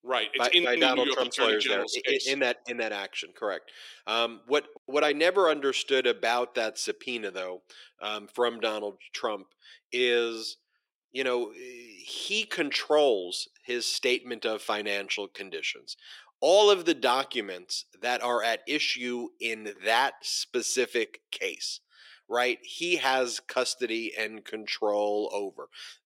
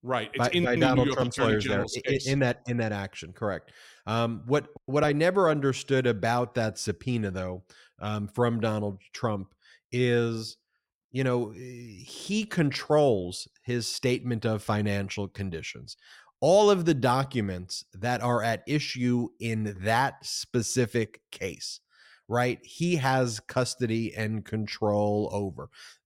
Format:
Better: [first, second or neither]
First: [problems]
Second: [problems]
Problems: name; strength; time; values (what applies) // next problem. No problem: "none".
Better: second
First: thin; somewhat; fading below 350 Hz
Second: none